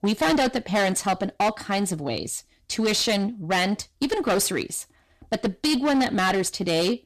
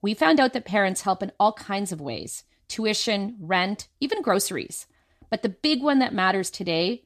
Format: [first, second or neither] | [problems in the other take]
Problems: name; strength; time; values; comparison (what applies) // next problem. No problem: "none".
second | distortion; heavy; 14% of the sound clipped